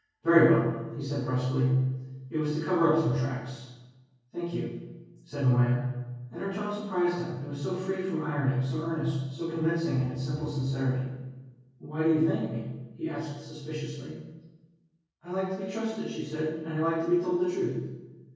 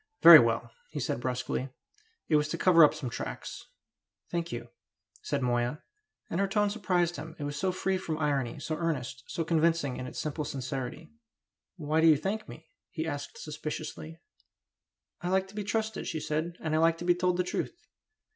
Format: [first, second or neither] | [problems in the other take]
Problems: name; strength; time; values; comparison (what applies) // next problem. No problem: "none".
second | room echo; dies away in 1.3 s